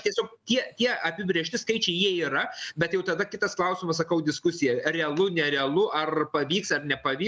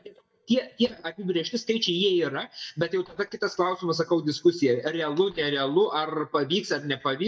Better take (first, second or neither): first